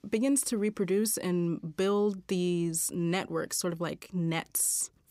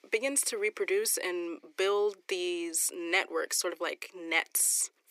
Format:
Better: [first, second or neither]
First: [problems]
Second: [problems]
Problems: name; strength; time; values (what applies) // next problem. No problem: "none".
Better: first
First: none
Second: thin; very; fading below 350 Hz